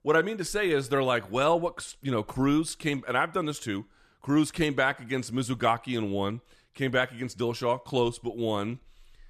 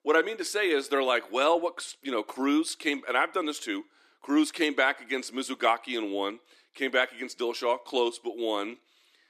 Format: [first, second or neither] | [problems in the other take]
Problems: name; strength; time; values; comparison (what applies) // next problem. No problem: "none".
first | thin; very slightly; fading below 300 Hz